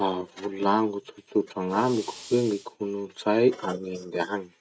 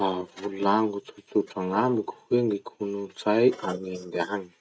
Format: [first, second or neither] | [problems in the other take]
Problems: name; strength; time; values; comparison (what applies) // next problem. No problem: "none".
second | background sound (Fire); 18 dB below the speech